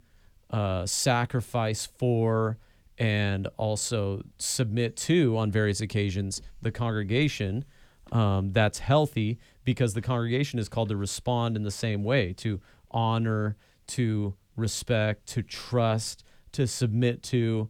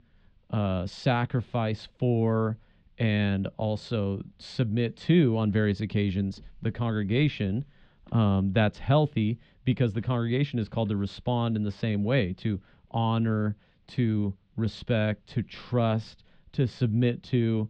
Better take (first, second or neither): first